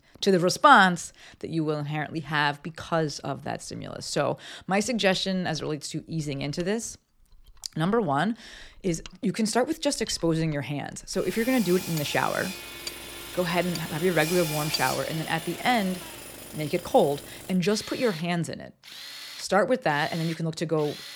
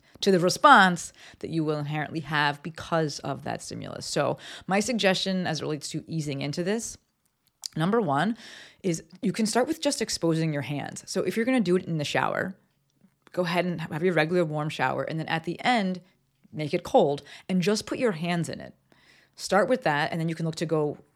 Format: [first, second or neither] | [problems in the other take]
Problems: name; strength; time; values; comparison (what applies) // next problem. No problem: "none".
second | machinery noise; noticeable; throughout; 10 dB below the speech